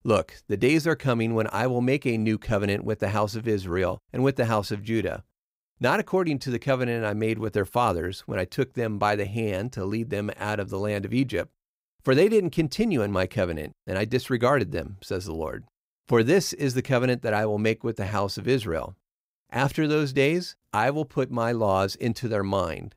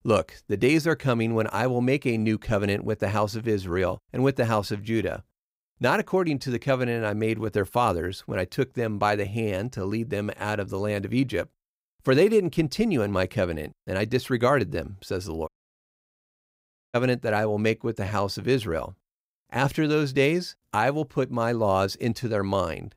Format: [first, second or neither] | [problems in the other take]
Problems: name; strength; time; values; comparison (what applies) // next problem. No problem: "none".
first | audio cutting out; at 15 s for 1.5 s